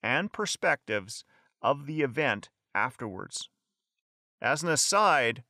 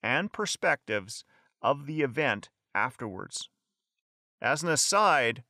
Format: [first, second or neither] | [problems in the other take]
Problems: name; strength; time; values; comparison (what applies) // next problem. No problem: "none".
neither | none